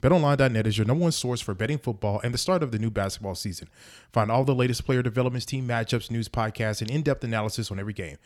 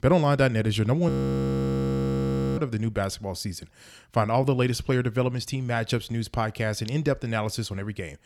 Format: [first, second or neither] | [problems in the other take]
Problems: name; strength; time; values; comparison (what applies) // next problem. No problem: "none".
first | audio freezing; at 1 s for 1.5 s